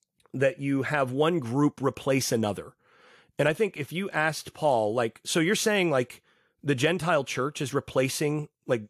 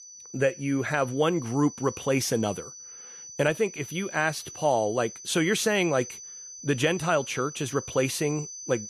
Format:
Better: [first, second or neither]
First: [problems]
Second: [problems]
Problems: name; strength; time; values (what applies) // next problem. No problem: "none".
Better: first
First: none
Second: high-pitched whine; noticeable; throughout; 6 kHz, 15 dB below the speech